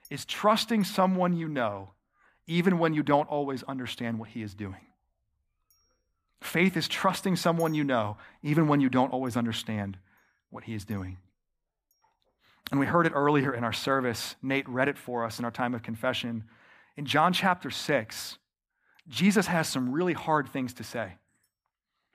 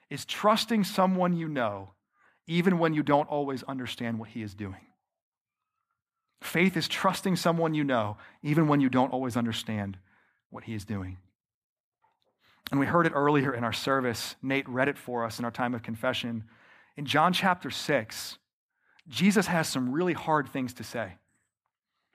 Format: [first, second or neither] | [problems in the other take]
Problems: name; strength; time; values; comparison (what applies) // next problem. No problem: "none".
second | household noises; faint; throughout; 30 dB below the speech